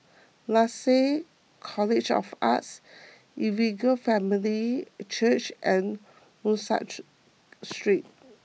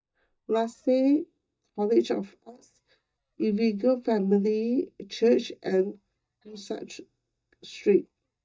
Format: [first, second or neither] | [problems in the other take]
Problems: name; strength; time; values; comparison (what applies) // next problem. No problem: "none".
first | noise reduction (neural mask model DeepFilterNet 3)